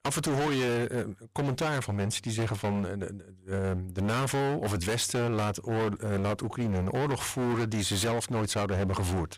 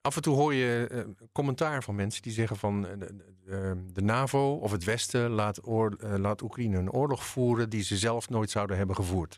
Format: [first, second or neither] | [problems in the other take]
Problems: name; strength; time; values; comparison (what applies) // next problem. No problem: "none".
second | distortion; heavy; 28% of the sound clipped